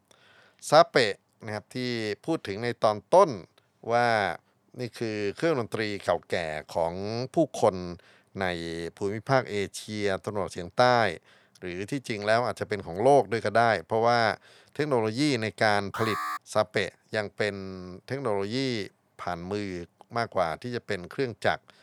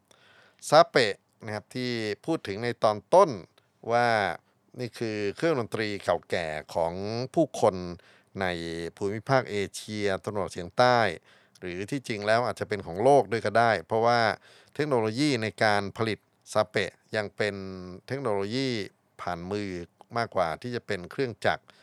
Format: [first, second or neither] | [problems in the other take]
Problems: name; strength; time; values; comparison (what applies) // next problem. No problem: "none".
second | alarm; noticeable; at 16 s; peak 4 dB below the speech